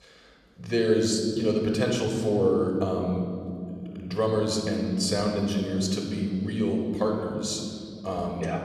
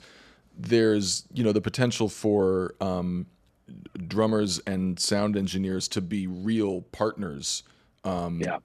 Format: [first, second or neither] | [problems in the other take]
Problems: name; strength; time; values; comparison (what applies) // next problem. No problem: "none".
second | off-mic speech; somewhat distant // room echo; noticeable; dies away in 2.4 s